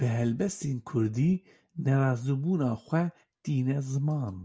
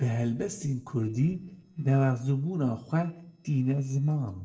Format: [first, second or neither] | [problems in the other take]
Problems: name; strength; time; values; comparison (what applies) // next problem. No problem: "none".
first | noise reduction (neural separator model SepFormer DNS4)